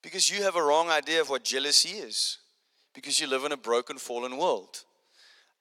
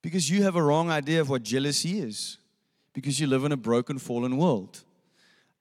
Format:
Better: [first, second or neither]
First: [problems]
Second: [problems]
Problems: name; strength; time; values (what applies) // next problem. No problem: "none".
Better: second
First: thin; very; fading below 500 Hz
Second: none